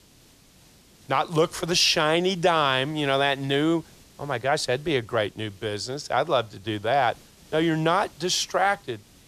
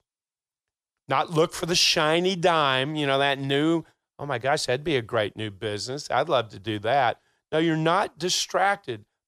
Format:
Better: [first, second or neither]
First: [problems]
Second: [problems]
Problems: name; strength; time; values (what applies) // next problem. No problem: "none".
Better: second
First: hiss; faint; throughout; 30 dB below the speech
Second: none